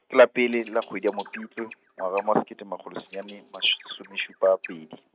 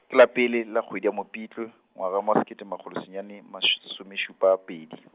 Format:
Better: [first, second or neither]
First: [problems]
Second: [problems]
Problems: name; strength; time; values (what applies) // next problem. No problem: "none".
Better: second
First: noise reduction (neural mask model RNNoise)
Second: none